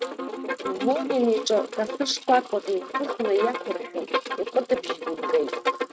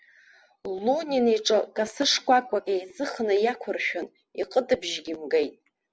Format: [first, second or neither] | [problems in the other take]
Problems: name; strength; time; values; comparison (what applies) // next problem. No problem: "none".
second | noise reduction (neural mask model RNNoise)